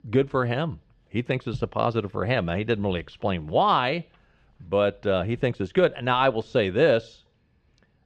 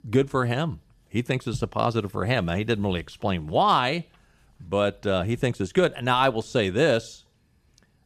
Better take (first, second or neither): second